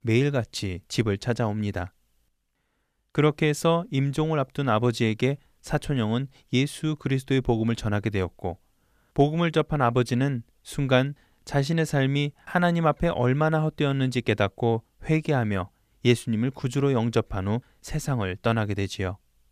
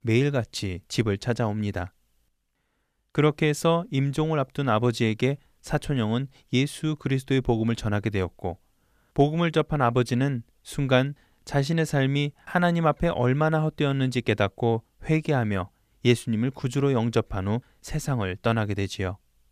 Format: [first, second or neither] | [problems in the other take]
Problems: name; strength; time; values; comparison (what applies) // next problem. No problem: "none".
neither | none